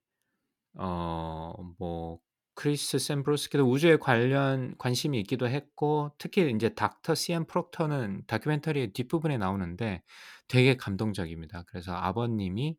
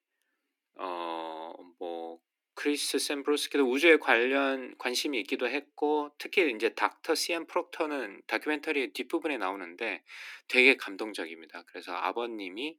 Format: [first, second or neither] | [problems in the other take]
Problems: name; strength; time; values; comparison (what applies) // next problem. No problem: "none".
first | thin; somewhat; fading below 250 Hz